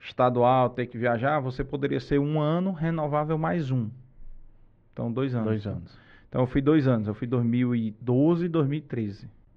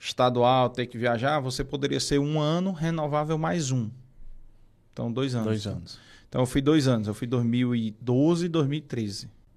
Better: second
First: muffled; very; fading above 2.5 kHz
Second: none

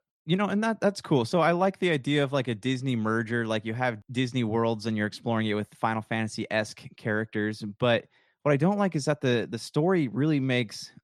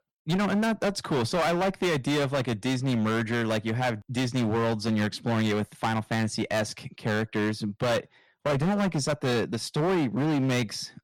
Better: first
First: none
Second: distortion; heavy; 20% of the sound clipped

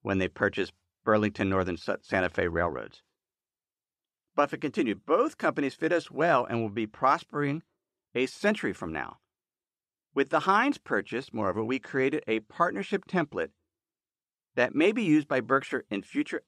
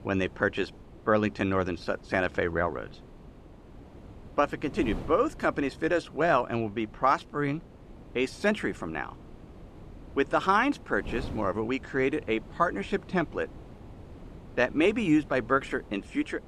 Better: first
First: none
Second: wind noise on the microphone; occasional gusts; 25 dB below the speech

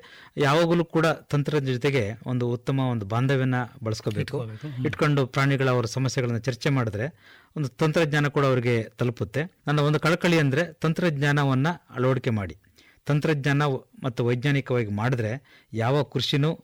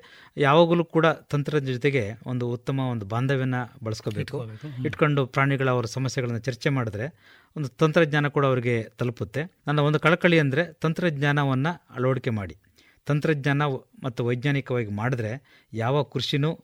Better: second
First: distortion; slight; 6% of the sound clipped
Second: none

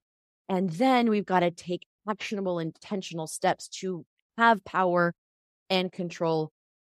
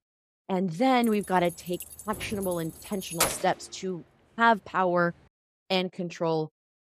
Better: first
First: none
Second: jangling keys; loud; from 1 to 3.5 s; peak 1 dB above the speech

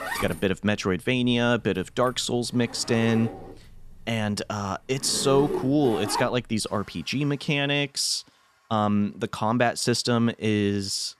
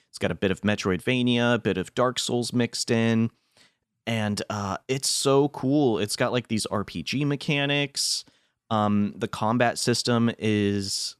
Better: second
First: household noises; loud; throughout; 9 dB below the speech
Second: none

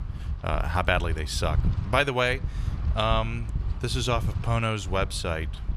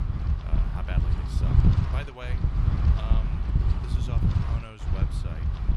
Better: first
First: wind noise on the microphone; occasional gusts; 20 dB below the speech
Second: wind noise on the microphone; heavy; 4 dB above the speech

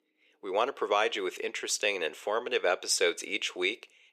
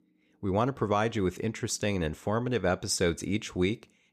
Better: second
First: thin; very; fading below 400 Hz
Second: none

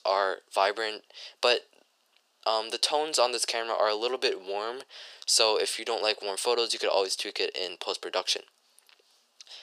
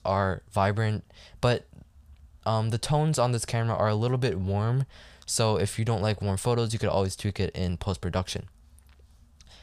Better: second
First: thin; very; fading below 350 Hz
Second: none

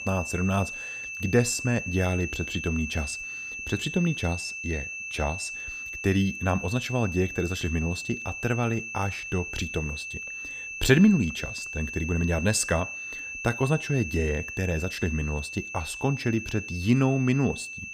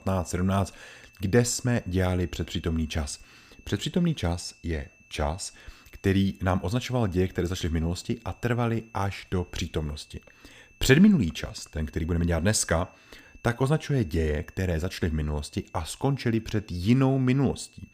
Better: second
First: high-pitched whine; loud; throughout; 2.5 kHz, 7 dB below the speech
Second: high-pitched whine; faint; throughout; 2.5 kHz, 30 dB below the speech

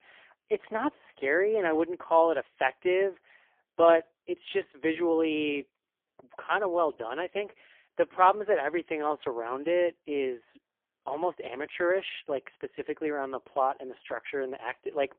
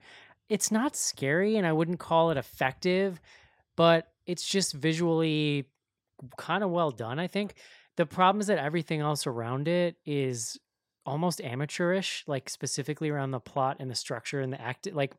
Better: second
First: phone-call audio; poor line; nothing above 3.5 kHz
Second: none

